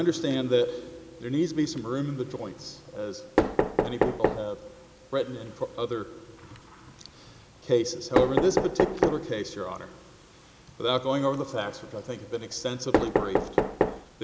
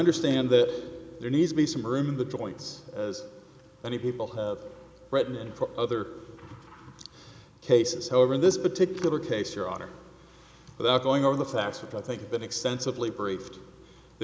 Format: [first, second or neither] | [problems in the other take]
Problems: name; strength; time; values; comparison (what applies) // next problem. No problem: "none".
second | background sound (Knock); 1 dB below the speech